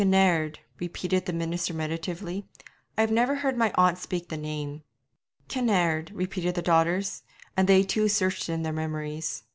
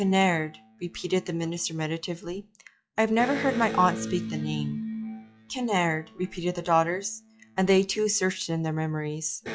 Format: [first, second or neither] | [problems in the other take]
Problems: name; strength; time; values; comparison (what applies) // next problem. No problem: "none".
first | noise reduction (classical method log-MMSE)